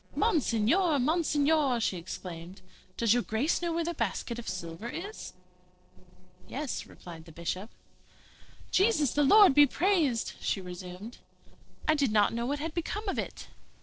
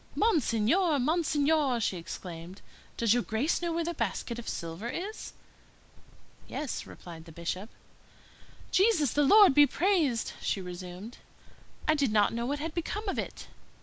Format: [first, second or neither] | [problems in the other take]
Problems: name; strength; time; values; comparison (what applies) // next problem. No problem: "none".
second | noise reduction (neural separator model SepFormer DNS4)